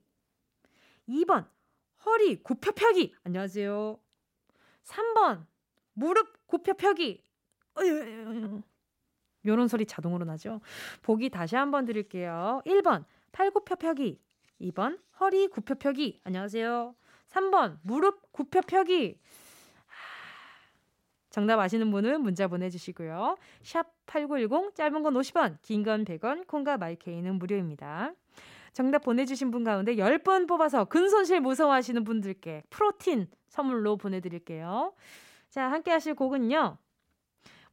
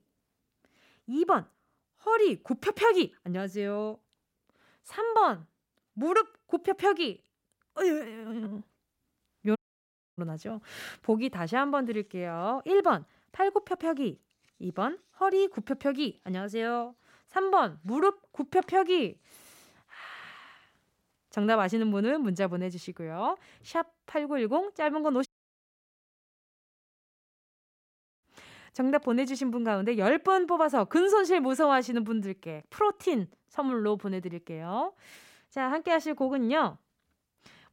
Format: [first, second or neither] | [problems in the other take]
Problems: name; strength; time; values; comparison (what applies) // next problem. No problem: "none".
first | audio cutting out; at 9.5 s for 0.5 s and at 25 s for 3 s